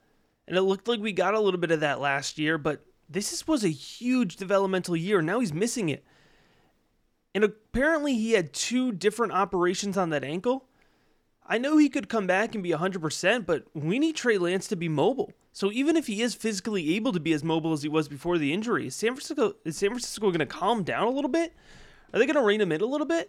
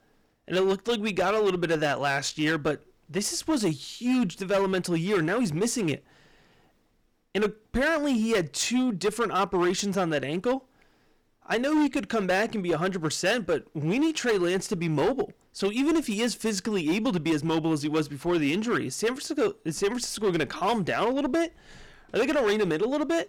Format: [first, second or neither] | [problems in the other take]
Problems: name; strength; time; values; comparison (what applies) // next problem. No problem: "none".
first | distortion; slight; 10% of the sound clipped